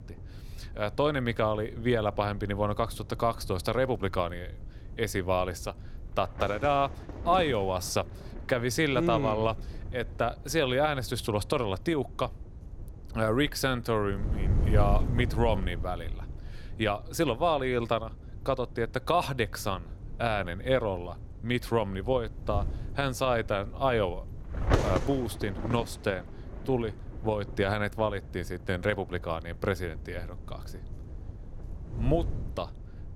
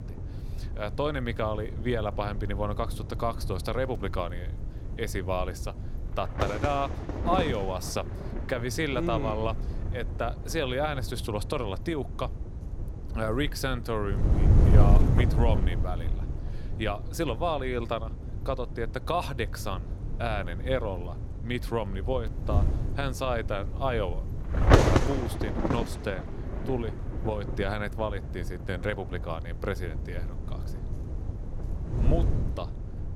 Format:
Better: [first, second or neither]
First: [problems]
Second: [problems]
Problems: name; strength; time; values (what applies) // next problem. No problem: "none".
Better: first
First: wind noise on the microphone; occasional gusts; 15 dB below the speech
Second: wind noise on the microphone; heavy; 5 dB below the speech